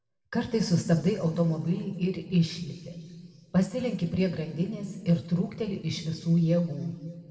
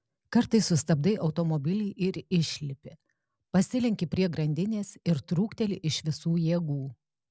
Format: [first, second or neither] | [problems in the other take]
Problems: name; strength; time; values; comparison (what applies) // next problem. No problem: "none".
second | room echo; dies away in 2.3 s